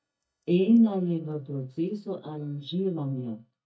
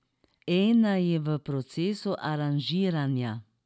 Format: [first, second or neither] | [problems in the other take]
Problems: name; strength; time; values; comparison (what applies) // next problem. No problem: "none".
second | noise reduction (neural mask model DeepFilterNet 3)